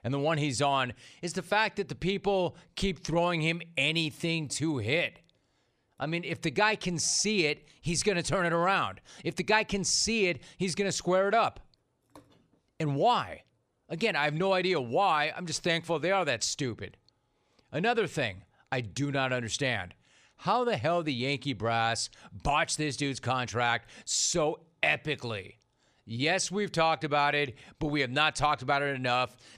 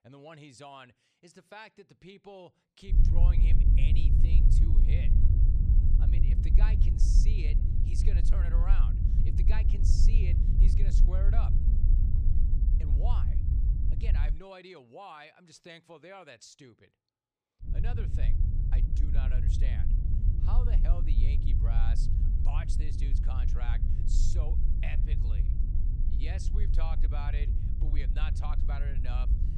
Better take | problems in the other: first | low rumble; loud; from 3 to 14 s and from 18 s on; 1 dB below the speech

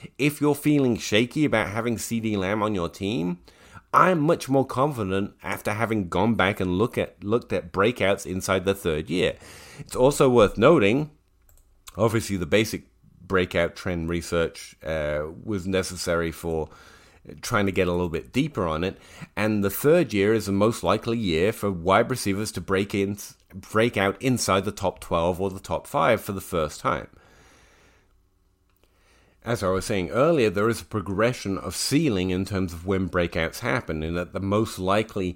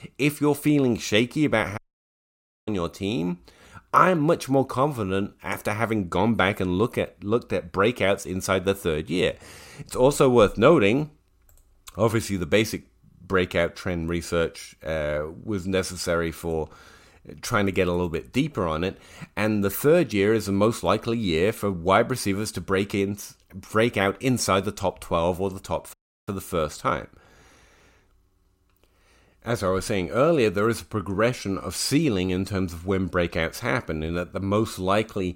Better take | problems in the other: first | audio cutting out; at 2 s for 1 s and at 26 s

